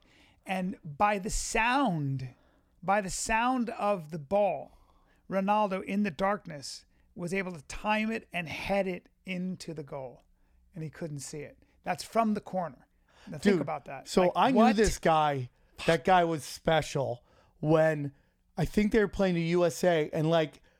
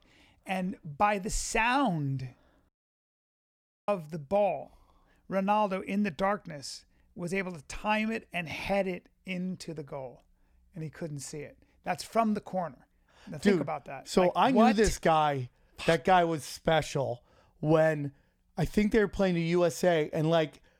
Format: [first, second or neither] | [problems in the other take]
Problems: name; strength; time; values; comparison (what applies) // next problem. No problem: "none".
first | audio cutting out; at 2.5 s for 1 s